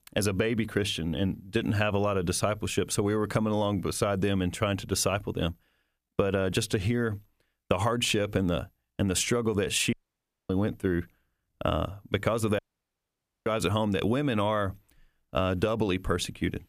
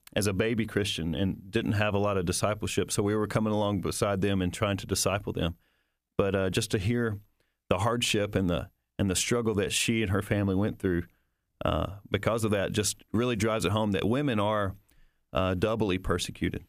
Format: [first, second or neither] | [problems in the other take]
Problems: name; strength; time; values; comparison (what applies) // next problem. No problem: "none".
second | audio cutting out; at 10 s for 0.5 s and at 13 s for 1 s